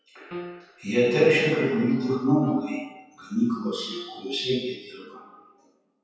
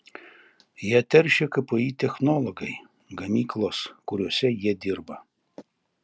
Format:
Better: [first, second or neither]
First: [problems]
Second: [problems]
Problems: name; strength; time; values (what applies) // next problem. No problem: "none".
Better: second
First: noise reduction (classical method WPE with log-MMSE)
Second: none